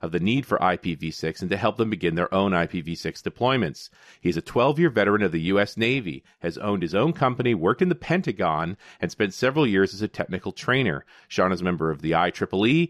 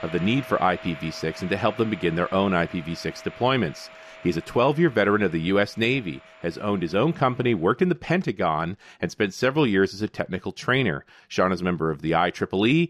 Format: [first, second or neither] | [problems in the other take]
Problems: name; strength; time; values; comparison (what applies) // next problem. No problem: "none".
first | household noises; noticeable; throughout; 20 dB below the speech